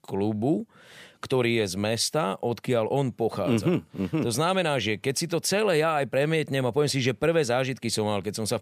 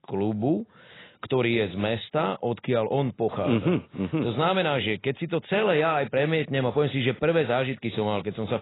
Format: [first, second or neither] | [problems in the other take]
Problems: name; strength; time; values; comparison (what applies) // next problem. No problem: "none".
first | garbled, watery; badly; nothing above 4 kHz